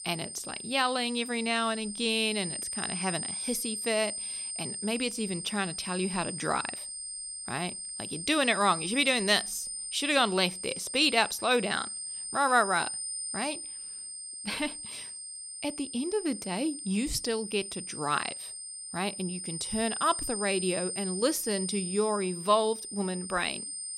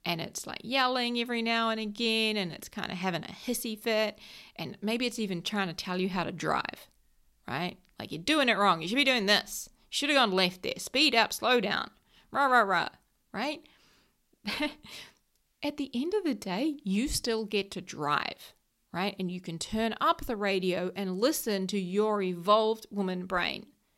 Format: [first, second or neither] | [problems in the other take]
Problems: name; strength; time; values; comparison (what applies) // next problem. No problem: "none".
second | high-pitched whine; loud; throughout; 8.5 kHz, 6 dB below the speech